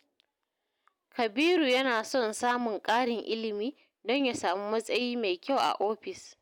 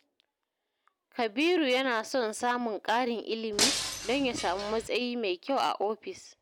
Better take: first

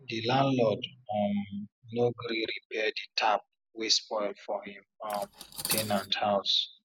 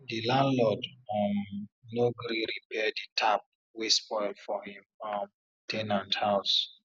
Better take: second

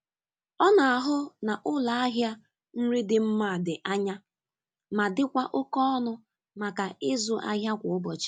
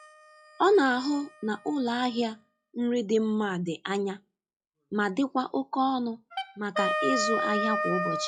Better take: first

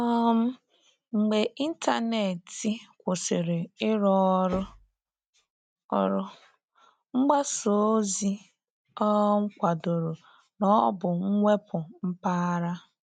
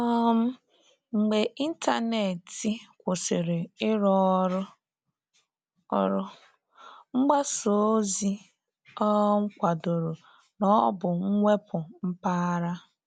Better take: second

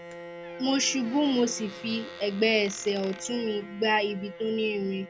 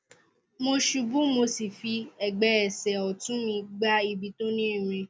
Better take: second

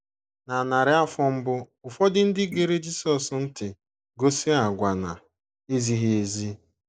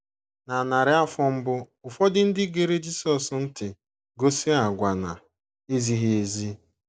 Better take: second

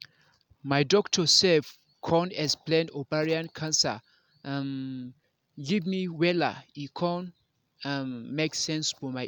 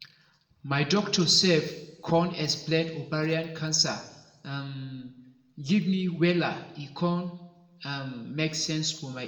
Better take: first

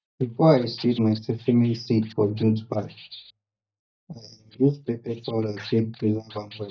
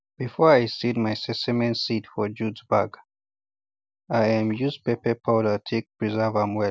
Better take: second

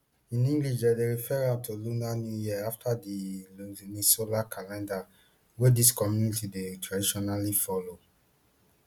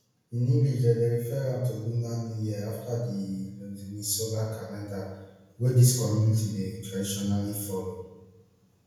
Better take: first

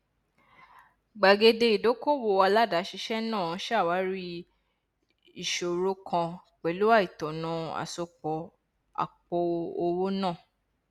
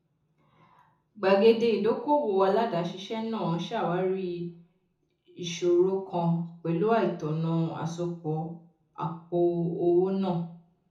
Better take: first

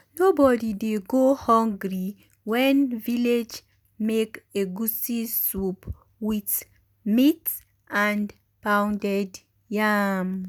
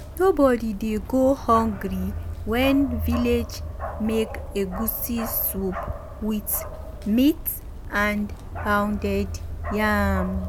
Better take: first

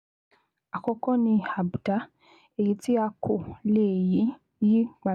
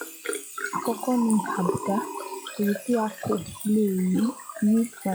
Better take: first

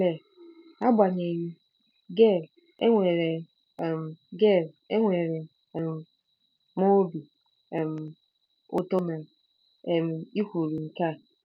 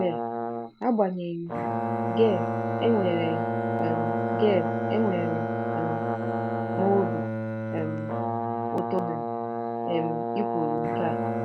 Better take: first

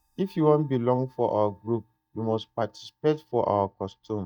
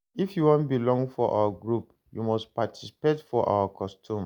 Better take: second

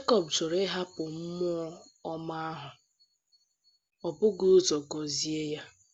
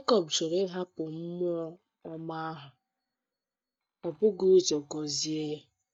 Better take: first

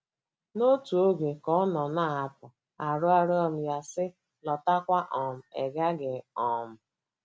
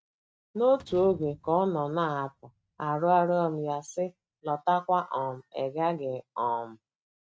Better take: first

